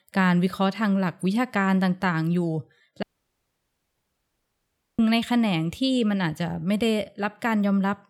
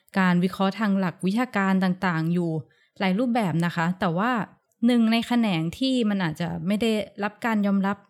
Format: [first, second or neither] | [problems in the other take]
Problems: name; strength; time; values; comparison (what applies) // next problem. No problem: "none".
second | audio cutting out; at 3 s for 2 s